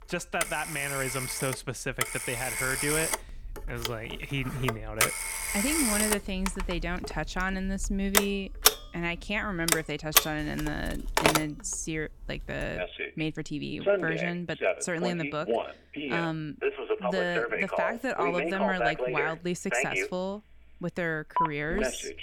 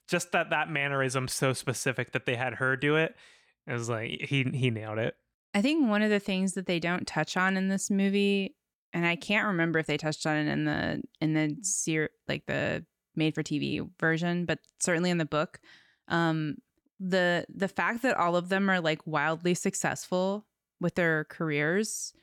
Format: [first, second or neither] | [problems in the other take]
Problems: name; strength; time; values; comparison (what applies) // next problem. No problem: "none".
second | alarms or sirens; very loud; throughout; 3 dB above the speech